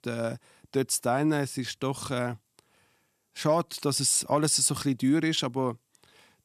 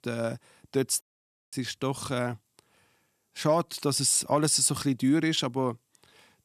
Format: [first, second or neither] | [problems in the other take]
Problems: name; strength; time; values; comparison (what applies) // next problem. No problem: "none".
first | audio cutting out; at 1 s for 0.5 s